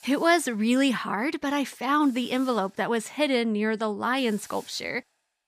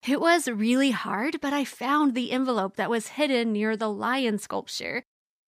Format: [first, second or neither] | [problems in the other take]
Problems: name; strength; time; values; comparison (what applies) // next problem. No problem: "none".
second | hiss; faint; throughout; 25 dB below the speech